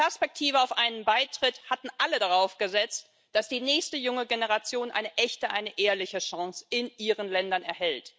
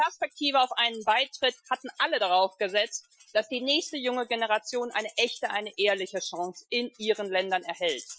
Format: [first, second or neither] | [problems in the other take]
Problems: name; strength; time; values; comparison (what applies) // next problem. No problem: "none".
first | noise reduction (classical method Wiener filter)